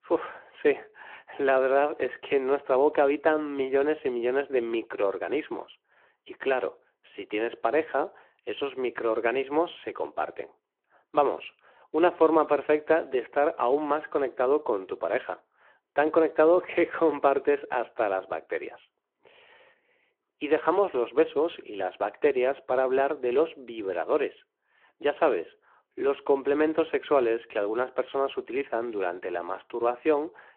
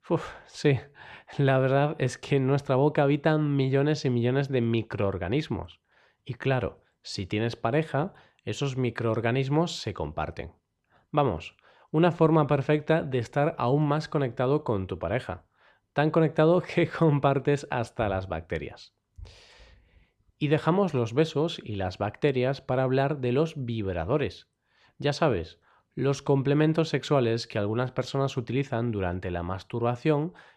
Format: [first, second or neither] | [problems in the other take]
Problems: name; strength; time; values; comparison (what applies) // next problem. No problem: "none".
second | phone-call audio